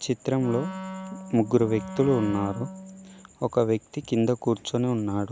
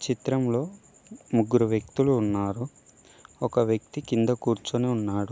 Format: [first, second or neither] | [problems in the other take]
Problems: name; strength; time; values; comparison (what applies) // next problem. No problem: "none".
second | background sound (Wind instrument, woodwind instrument); 12 dB below the speech